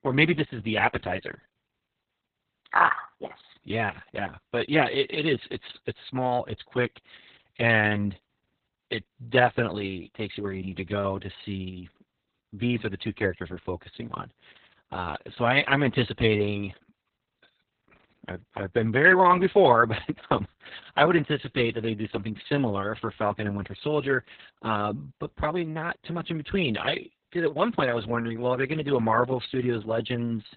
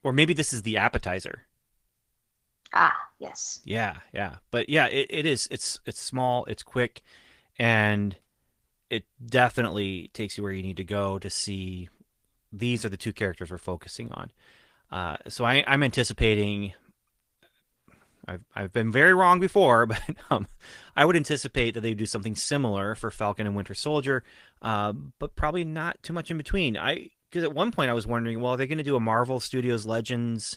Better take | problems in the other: second | garbled, watery; badly; nothing above 4 kHz; slightly in the second

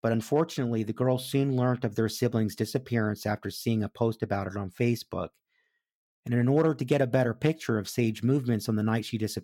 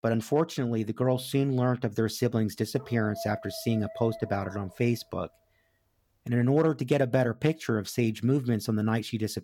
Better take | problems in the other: first | dog barking; faint; from 3 to 4.5 s; peak 10 dB below the speech

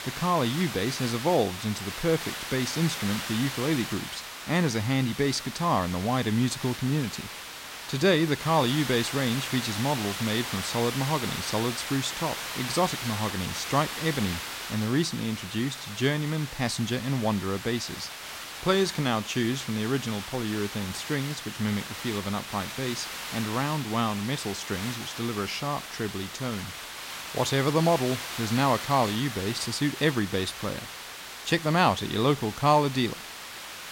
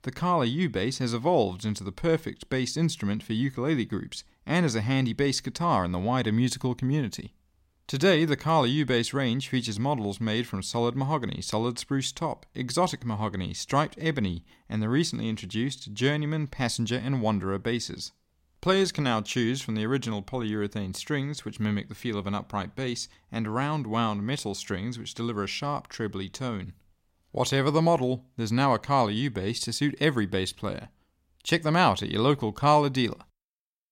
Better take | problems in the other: second | hiss; loud; throughout; 7 dB below the speech

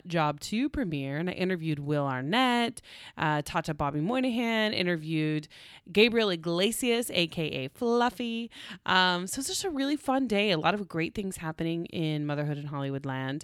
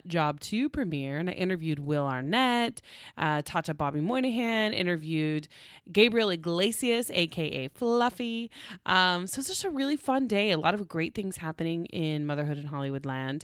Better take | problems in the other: first | garbled, watery; slightly

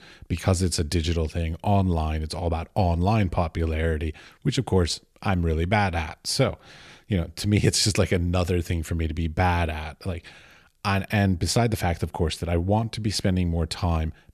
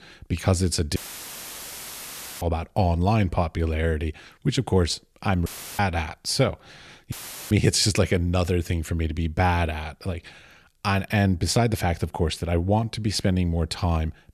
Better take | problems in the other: first | audio cutting out; filled with static; at 1 s for 1.5 s, at 5.5 s and at 7 s

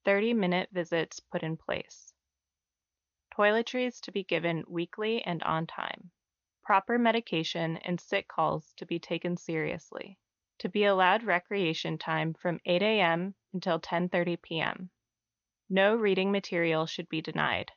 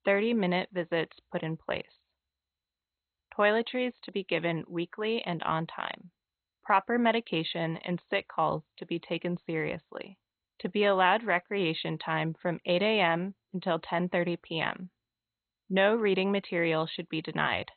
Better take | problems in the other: first | garbled, watery; badly; nothing above 4 kHz; slightly in the first

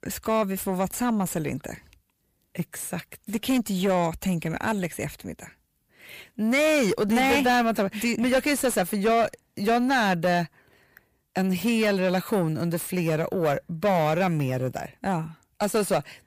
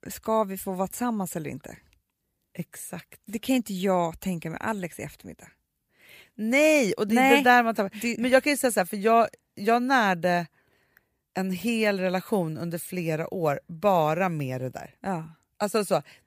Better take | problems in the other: second | distortion; heavy; 7 dB below the speech

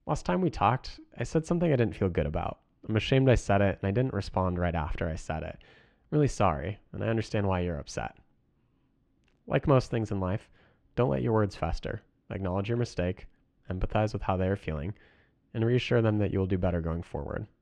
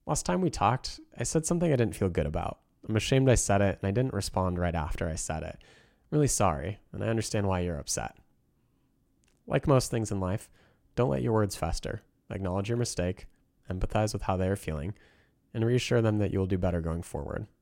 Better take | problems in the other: second | muffled; slightly; fading above 3 kHz

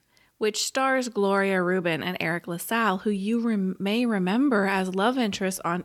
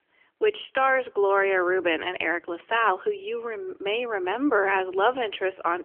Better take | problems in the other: first | phone-call audio; nothing above 3 kHz

